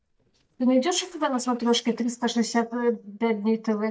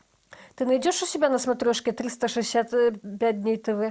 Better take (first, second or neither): second